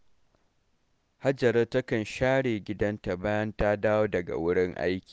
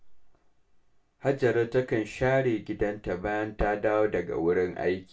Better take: first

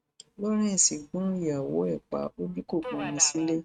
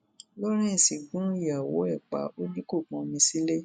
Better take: second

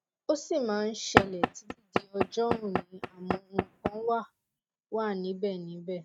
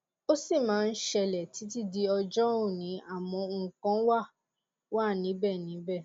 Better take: second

